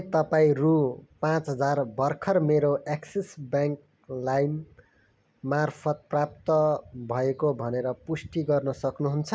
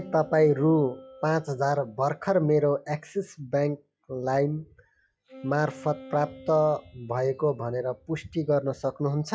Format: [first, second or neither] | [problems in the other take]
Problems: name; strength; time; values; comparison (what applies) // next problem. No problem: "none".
first | noise reduction (classical method log-MMSE)